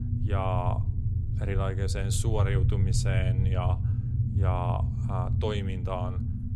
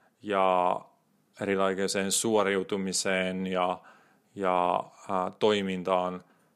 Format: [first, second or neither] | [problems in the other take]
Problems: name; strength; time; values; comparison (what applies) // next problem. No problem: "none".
second | low rumble; loud; throughout; 7 dB below the speech